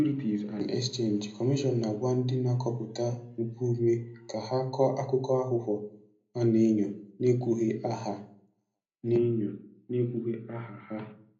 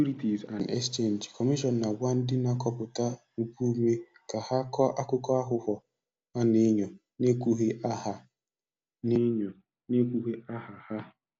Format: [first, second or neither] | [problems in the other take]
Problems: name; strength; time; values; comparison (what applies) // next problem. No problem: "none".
second | room echo; dies away in 0.5 s